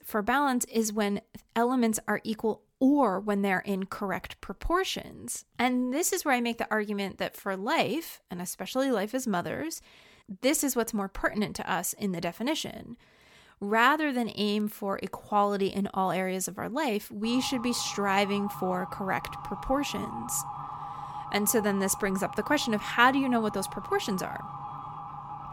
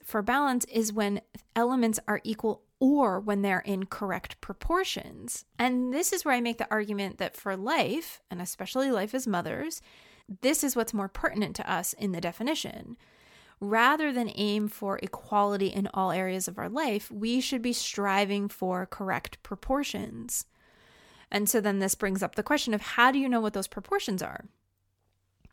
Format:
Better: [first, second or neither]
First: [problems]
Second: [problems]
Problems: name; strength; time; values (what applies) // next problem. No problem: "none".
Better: second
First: siren; noticeable; from 17 s on; peak 9 dB below the speech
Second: none